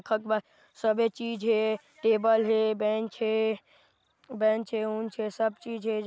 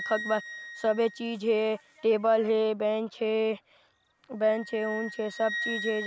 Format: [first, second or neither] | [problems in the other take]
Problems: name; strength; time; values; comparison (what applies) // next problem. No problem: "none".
first | background sound (Wind instrument, woodwind instrument); 12 dB below the speech